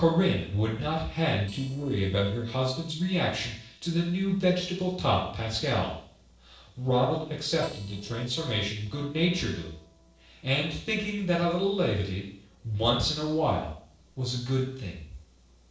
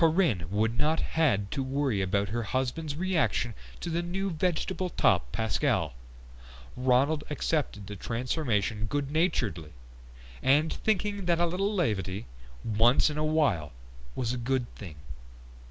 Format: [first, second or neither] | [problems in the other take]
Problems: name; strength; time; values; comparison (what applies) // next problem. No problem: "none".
second | noise reduction (neural separator model SepFormer DNS4)